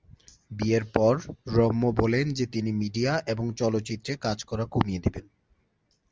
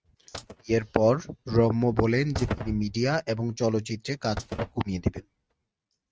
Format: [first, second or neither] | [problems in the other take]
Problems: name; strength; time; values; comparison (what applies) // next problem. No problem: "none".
first | noise reduction (neural mask model RNNoise)